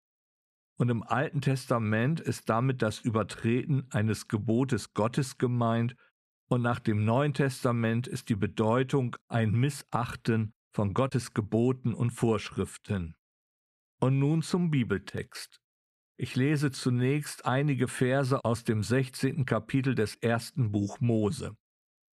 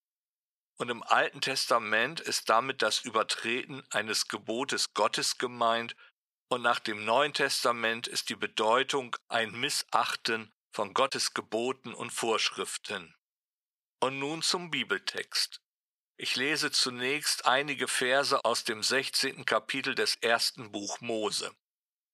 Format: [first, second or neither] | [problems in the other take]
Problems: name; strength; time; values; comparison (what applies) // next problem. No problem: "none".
first | thin; very; fading below 650 Hz